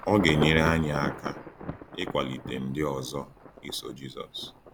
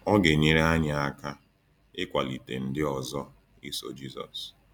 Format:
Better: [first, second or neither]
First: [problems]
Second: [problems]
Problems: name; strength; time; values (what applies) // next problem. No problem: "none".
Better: second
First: background sound (Thunder / Traffic noise, roadway noise / Rain / Insect); 8 dB below the speech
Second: none